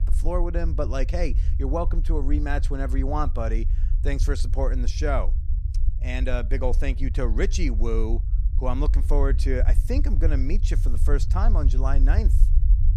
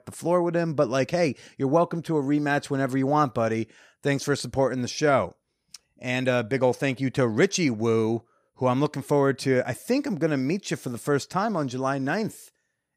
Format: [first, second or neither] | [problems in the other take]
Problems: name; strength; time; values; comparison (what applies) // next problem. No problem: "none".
second | low rumble; noticeable; throughout; 15 dB below the speech